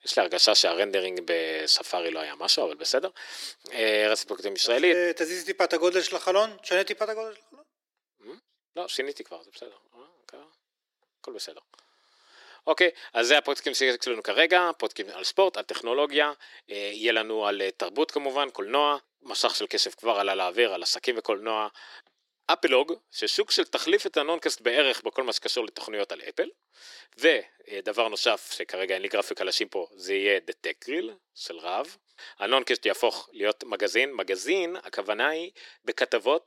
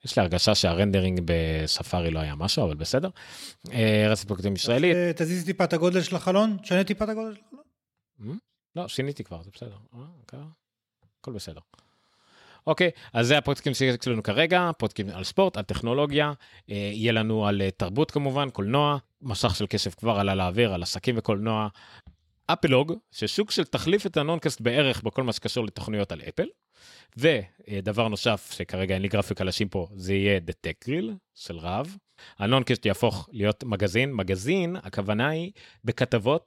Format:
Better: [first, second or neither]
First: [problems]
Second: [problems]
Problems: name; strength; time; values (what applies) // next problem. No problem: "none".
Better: second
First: thin; very; fading below 350 Hz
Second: none